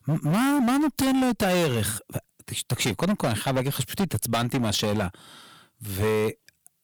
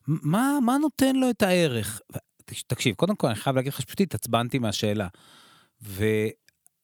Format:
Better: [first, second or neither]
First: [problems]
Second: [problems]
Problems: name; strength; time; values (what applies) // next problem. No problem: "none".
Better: second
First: distortion; heavy; 20% of the sound clipped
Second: none